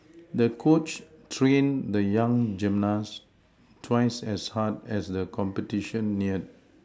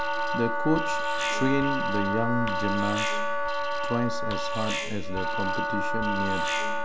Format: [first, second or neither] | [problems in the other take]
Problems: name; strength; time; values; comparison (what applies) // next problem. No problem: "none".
first | background sound (Wind instrument, woodwind instrument + Alarm); 4 dB above the speech